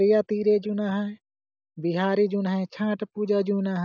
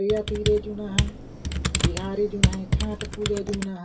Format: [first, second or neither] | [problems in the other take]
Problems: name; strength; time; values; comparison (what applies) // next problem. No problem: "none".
first | background sound (Computer keyboard); 2 dB above the speech // room echo; dies away in 0.2 s